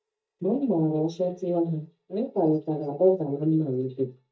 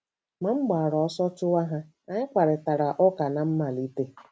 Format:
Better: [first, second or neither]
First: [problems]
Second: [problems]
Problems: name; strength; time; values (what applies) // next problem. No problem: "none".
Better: second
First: noise reduction (neural mask model DeepFilterNet 3)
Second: none